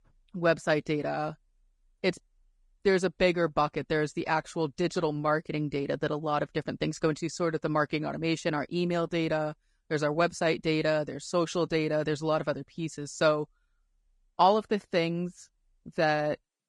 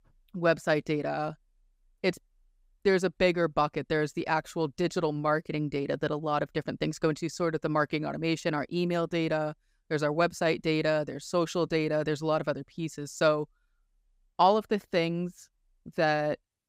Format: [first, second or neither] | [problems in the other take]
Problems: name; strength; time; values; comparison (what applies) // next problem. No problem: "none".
second | garbled, watery; slightly